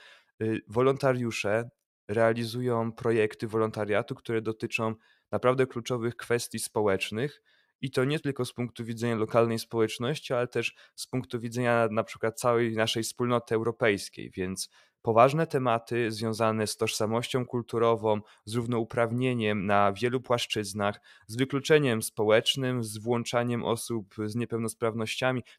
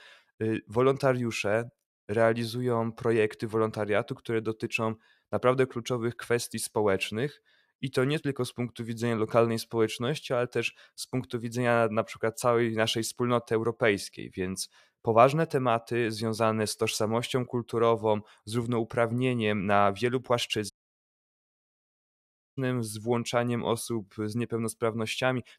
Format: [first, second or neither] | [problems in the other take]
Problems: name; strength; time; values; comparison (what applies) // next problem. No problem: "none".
first | audio cutting out; at 21 s for 2 s